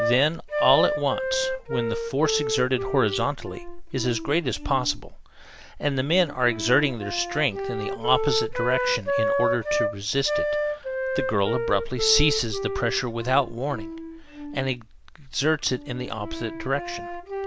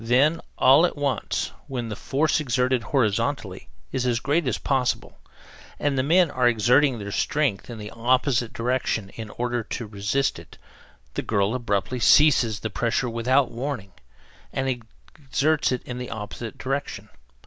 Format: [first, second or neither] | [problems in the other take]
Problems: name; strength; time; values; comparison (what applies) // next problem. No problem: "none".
second | background sound (Wind instrument, woodwind instrument); 4 dB below the speech